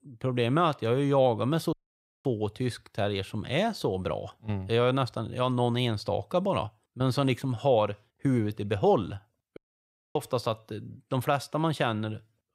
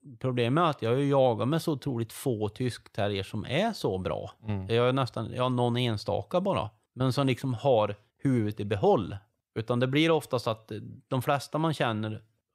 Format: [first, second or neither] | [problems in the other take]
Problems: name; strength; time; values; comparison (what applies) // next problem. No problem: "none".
second | audio cutting out; at 1.5 s for 0.5 s and at 9.5 s for 0.5 s